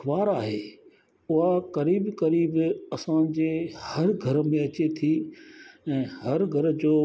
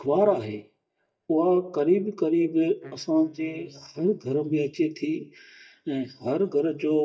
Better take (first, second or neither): first